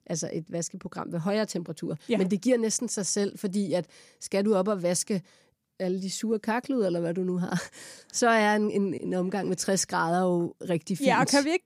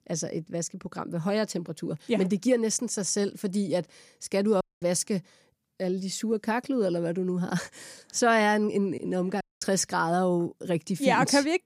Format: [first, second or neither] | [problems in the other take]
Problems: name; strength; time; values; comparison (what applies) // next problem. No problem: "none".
first | audio cutting out; at 4.5 s and at 9.5 s